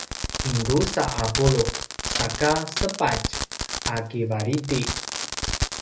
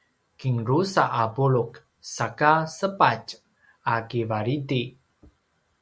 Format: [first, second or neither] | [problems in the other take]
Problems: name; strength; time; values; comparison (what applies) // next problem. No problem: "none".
second | background sound (Fireworks); 3 dB below the speech // room echo; dies away in 0.3 s